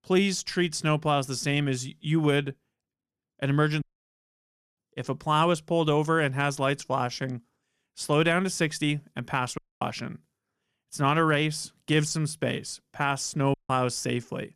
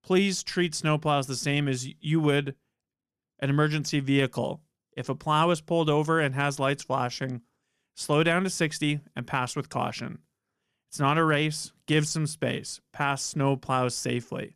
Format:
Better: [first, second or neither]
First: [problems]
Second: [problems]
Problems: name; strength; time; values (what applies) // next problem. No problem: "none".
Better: second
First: audio cutting out; at 4 s for 1 s, at 9.5 s and at 14 s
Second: none